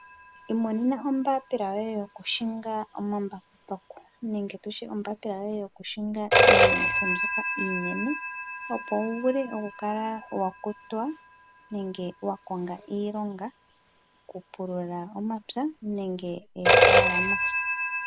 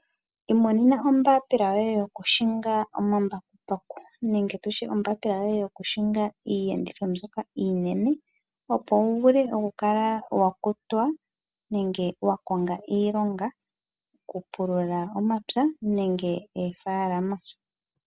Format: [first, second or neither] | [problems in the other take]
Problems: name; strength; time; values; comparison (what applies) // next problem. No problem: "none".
second | background sound (Telephone); 3 dB above the speech